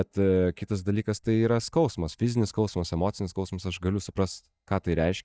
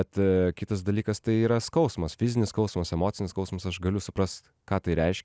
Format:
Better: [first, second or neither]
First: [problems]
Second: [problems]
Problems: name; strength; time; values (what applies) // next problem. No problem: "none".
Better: second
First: noise reduction (neural mask model DeepFilterNet 3)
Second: none